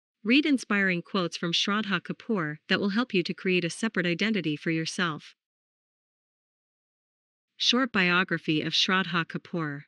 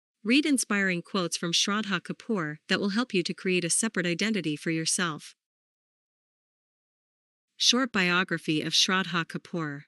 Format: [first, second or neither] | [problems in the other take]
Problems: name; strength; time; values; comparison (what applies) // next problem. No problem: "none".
second | muffled; very slightly; fading above 3.5 kHz